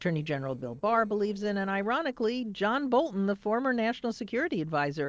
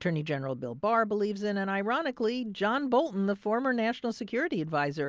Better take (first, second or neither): second